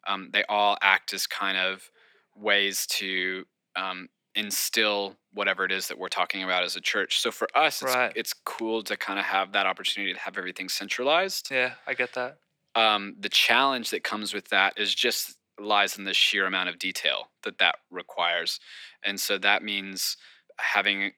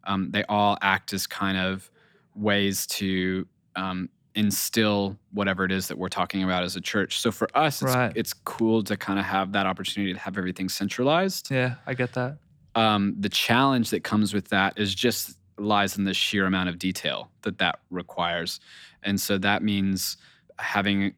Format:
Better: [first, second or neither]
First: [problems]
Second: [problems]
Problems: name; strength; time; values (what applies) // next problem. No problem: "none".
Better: second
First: thin; somewhat; fading below 500 Hz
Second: none